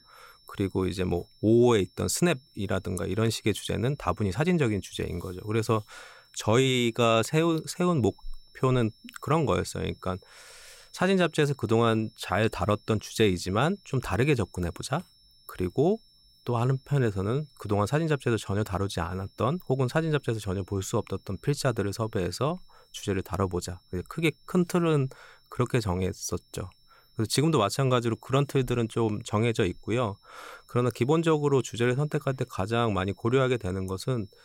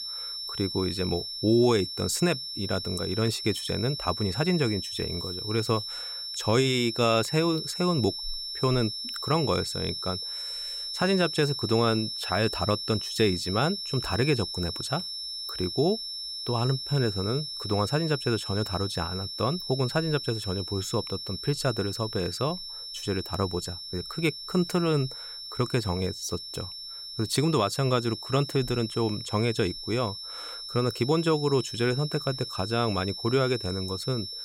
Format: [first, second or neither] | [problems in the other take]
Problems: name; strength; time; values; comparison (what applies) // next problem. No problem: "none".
first | high-pitched whine; loud; throughout; 5.5 kHz, 6 dB below the speech; faint in the first